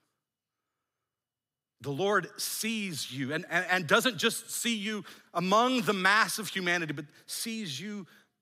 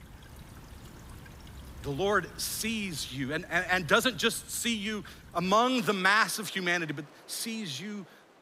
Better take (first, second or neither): first